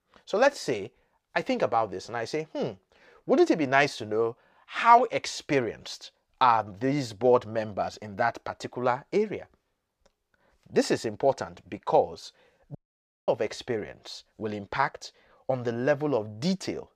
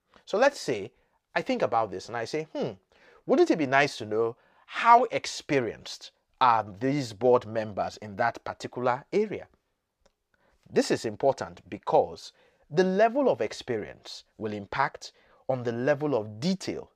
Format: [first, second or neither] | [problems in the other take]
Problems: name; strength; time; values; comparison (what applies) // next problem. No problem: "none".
second | audio cutting out; at 13 s for 0.5 s